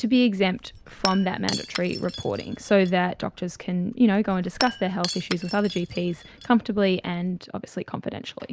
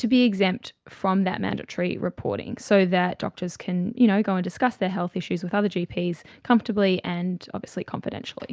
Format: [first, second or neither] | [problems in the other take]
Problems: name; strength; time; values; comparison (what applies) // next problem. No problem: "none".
second | background sound (Shatter / Crushing); 13 dB below the speech